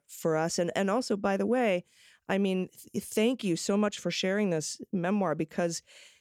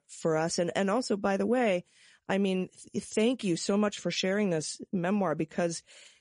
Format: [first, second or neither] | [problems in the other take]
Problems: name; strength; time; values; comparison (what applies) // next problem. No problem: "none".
first | garbled, watery; slightly; nothing above 10 kHz